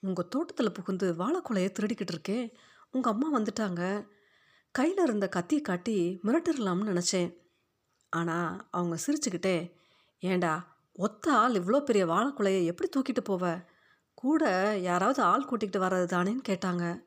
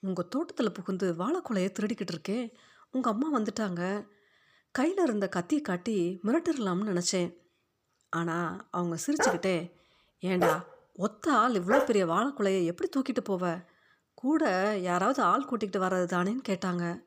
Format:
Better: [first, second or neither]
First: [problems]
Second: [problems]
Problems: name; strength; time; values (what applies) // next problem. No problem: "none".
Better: first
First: none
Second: dog barking; loud; from 9 to 12 s; peak level with the speech